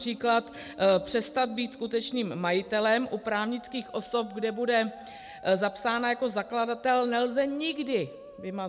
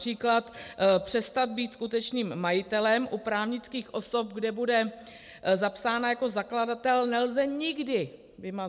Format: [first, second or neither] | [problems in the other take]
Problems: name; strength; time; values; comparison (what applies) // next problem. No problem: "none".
second | background sound (Musical instrument); 19 dB below the speech